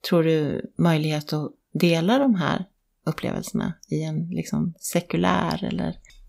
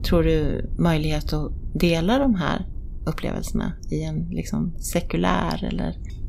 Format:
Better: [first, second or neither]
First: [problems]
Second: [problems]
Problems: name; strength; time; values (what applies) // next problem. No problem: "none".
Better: first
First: none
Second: low rumble; faint; throughout; 25 dB below the speech